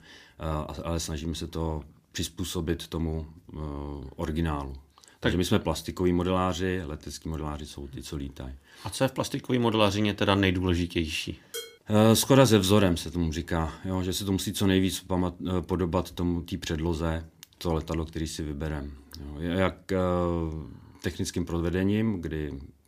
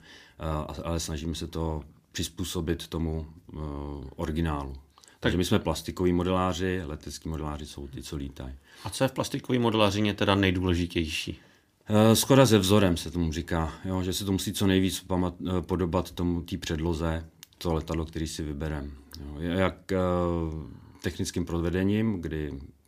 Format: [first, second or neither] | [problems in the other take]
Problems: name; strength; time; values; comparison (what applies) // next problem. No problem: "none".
second | clattering dishes; faint; at 12 s; peak 10 dB below the speech